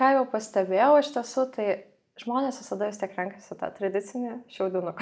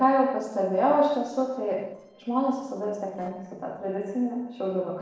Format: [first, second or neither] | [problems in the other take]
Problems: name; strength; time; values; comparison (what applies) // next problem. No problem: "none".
first | noise reduction (neural separator model SepFormer DNS4)